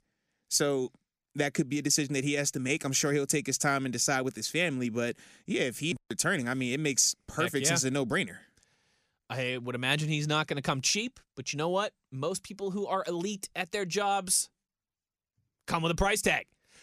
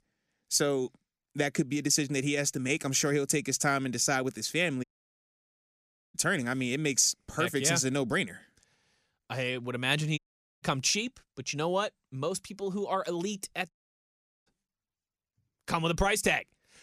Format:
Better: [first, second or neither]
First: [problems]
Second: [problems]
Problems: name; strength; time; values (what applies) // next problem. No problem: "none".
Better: first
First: none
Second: audio cutting out; at 5 s for 1.5 s, at 10 s and at 14 s for 1 s